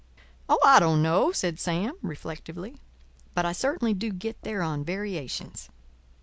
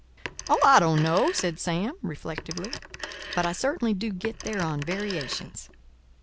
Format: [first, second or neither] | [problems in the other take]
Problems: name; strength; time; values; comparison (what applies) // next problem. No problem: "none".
first | background sound (Telephone); 13 dB below the speech